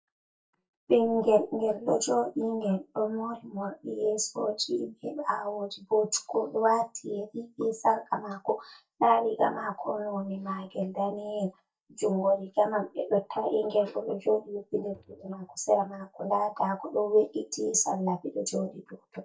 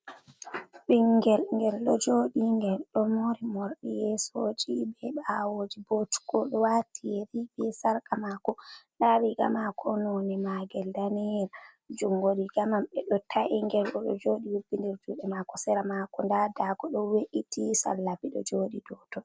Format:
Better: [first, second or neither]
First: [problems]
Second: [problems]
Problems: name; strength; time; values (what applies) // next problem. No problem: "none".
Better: second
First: noise reduction (neural mask model DeepFilterNet 3)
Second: none